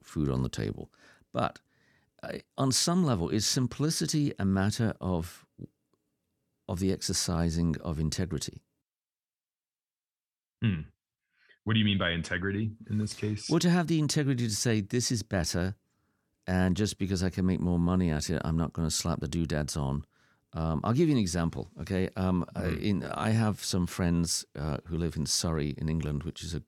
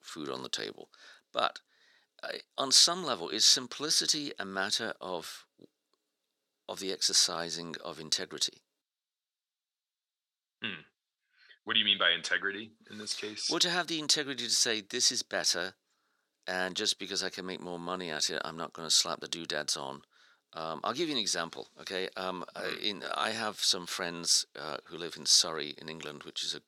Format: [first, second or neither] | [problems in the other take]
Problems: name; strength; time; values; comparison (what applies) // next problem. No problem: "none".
first | thin; very; fading below 500 Hz